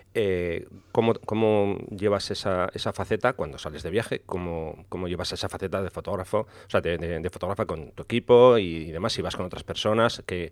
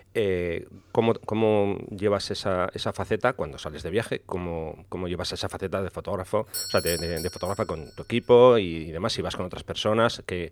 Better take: first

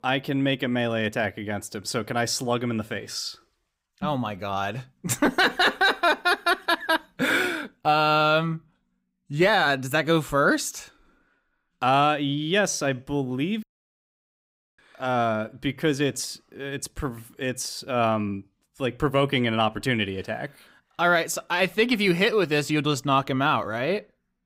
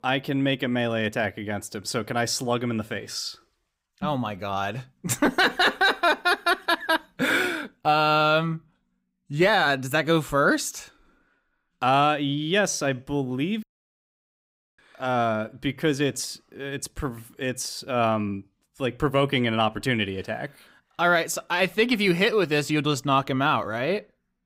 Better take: neither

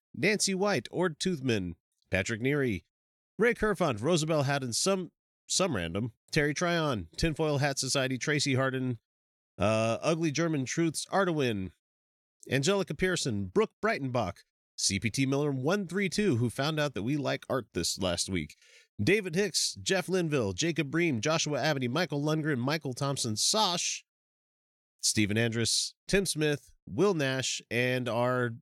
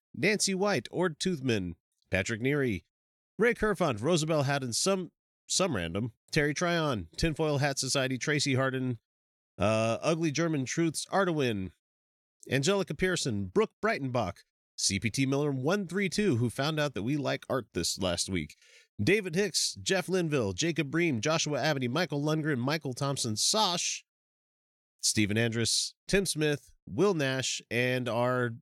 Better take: neither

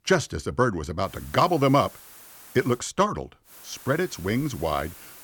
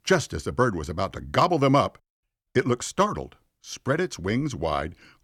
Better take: second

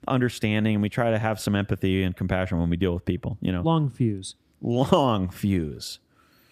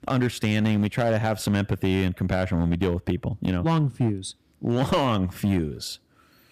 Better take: first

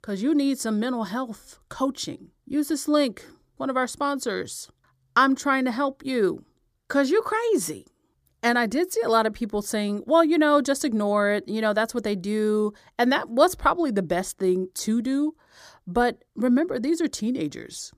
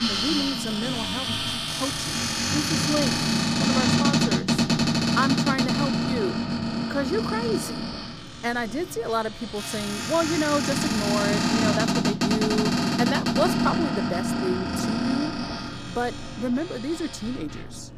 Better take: first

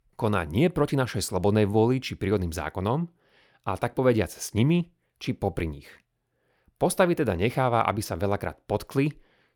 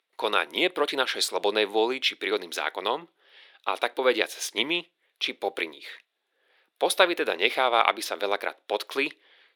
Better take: first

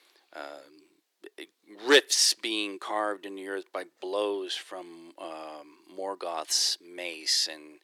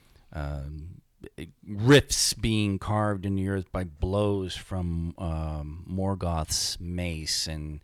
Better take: second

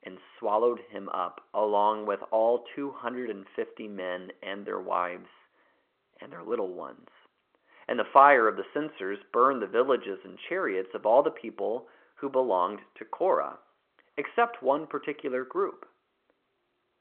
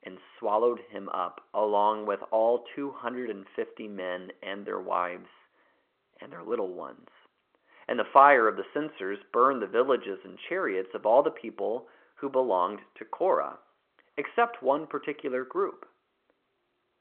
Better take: neither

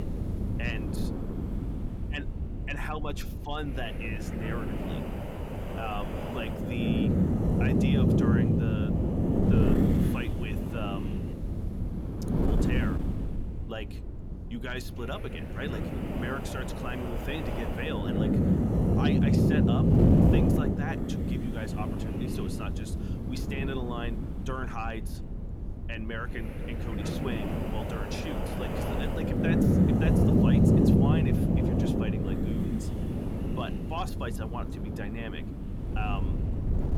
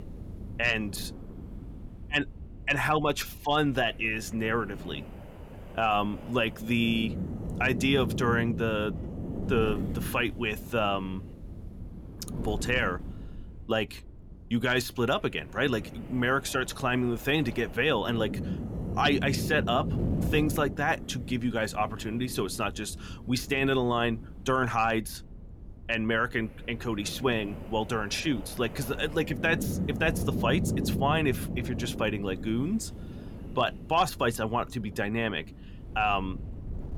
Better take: second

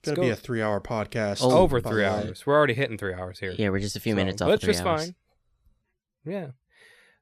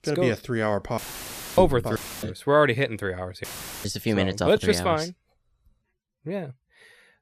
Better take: first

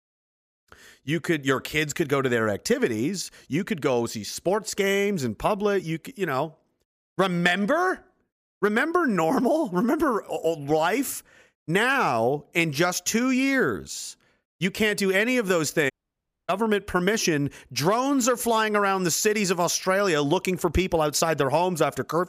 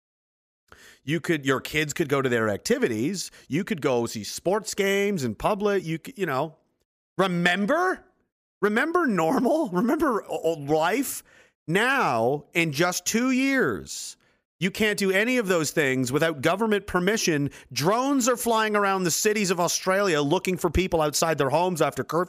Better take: second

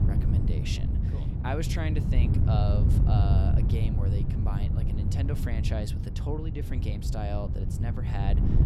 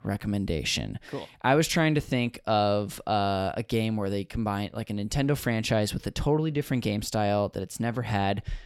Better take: second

